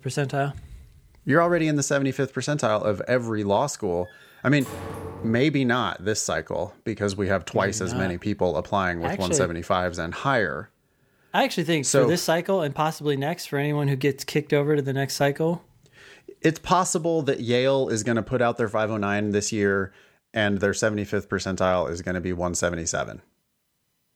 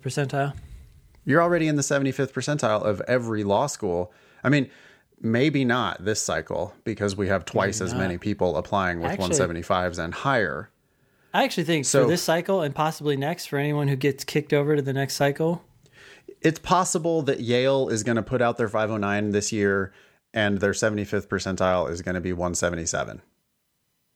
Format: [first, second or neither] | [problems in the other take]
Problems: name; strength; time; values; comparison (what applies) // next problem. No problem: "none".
second | door banging; faint; from 4 to 5.5 s; peak 10 dB below the speech